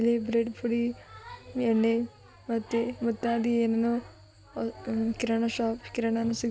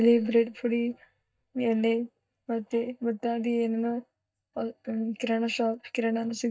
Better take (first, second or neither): first